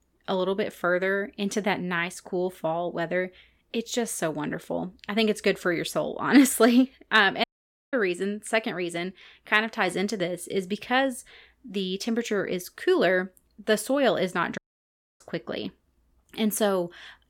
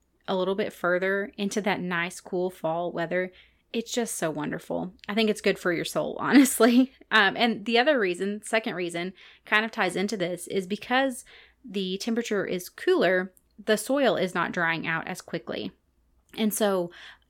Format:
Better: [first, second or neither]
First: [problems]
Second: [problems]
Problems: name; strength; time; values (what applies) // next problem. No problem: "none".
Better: second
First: audio cutting out; at 7.5 s and at 15 s for 0.5 s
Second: none